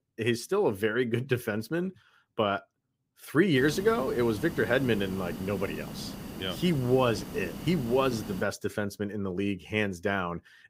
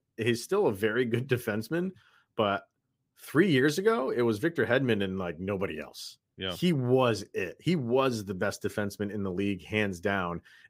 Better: second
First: hiss; noticeable; from 3.5 to 8.5 s; 10 dB below the speech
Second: none

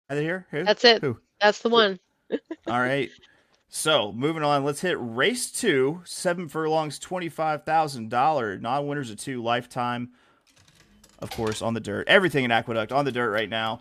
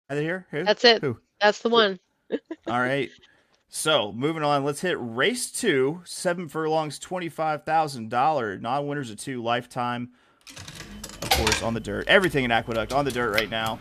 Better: first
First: household noises; faint; from 11 s on; 20 dB below the speech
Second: household noises; loud; from 11 s on; 4 dB below the speech

